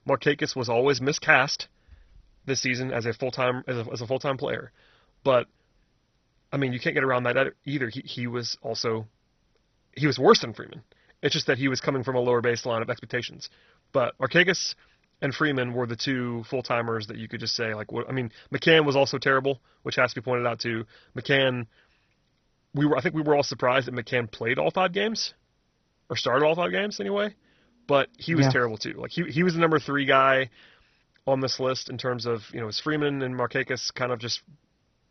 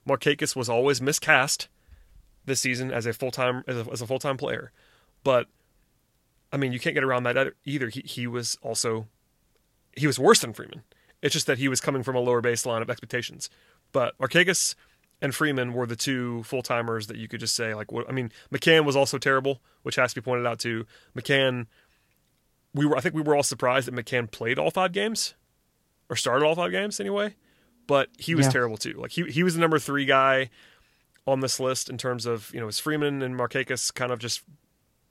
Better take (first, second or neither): second